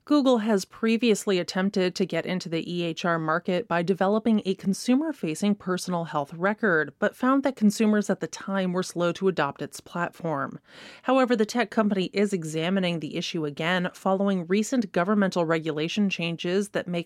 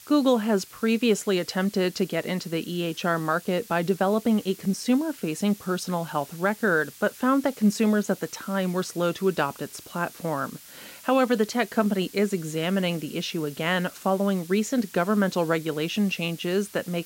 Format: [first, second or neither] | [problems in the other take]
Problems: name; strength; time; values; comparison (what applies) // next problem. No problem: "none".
first | hiss; noticeable; throughout; 20 dB below the speech